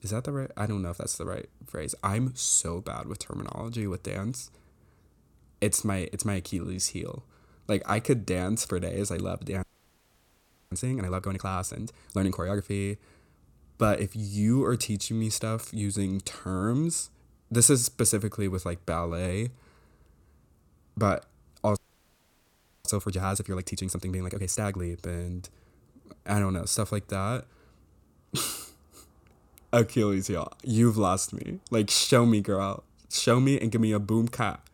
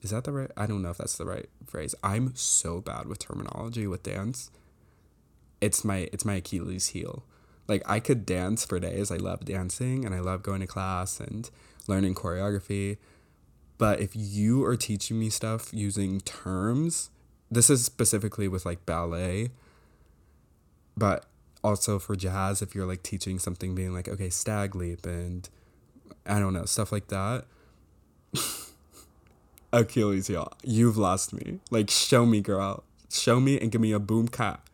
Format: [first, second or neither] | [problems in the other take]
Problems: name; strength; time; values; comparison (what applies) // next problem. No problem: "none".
second | audio freezing; at 9.5 s for 1 s and at 22 s for 1 s